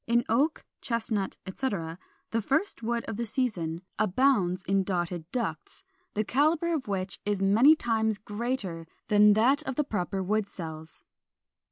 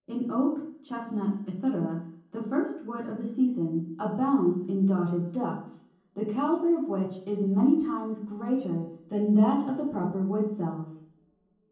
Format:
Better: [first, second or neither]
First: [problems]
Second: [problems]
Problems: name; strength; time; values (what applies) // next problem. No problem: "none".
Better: first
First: none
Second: room echo; dies away in 0.7 s